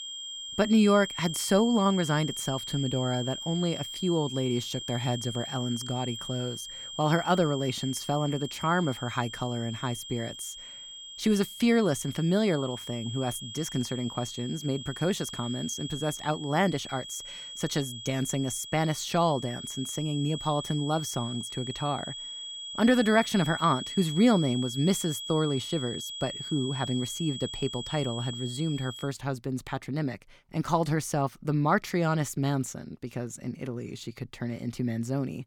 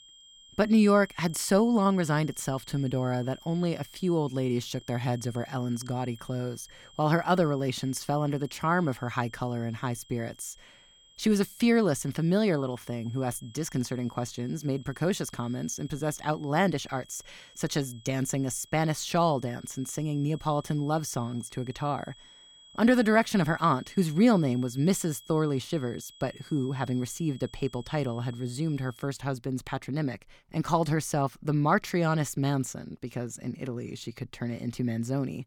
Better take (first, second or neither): second